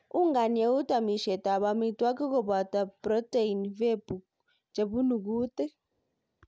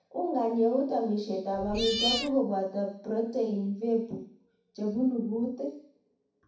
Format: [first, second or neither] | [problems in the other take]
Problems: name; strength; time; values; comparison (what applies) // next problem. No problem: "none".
first | background sound (Cat); 2 dB below the speech // room echo; dies away in 0.6 s